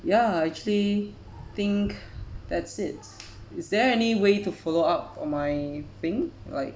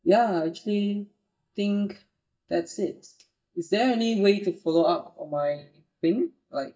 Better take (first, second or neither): first